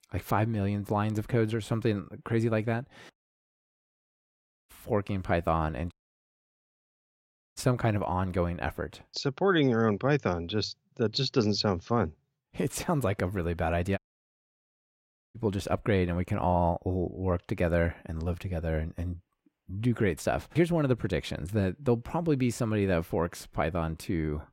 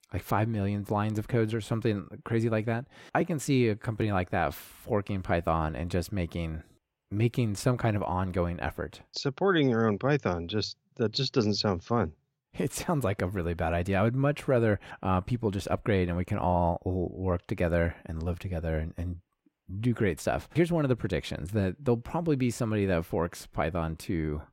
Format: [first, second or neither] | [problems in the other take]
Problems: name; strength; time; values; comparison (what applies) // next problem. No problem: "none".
second | audio cutting out; at 3 s for 1.5 s, at 6 s for 1.5 s and at 14 s for 1.5 s